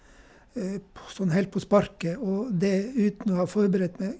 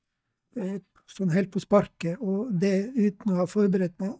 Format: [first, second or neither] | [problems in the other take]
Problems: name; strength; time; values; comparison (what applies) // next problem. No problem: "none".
first | noise reduction (neural mask model DeepFilterNet 3)